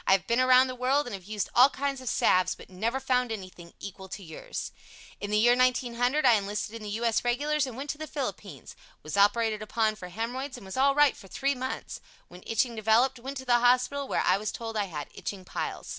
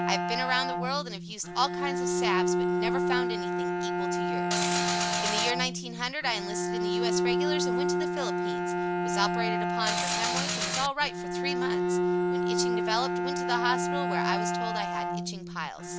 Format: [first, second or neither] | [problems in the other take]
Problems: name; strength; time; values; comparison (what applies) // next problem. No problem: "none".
first | background sound (Mechanisms + Bowed string instrument); 5 dB above the speech